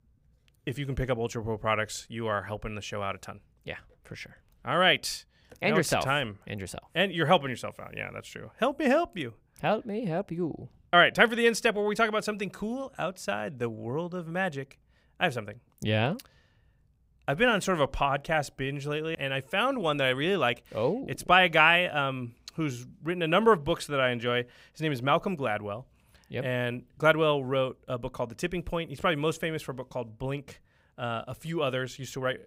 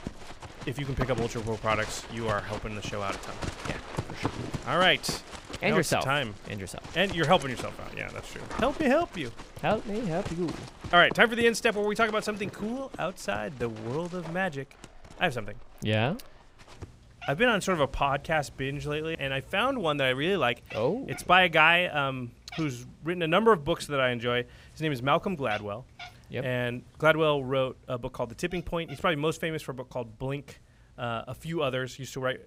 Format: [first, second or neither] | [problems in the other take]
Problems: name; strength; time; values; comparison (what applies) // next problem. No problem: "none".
first | animal sounds; noticeable; throughout; 15 dB below the speech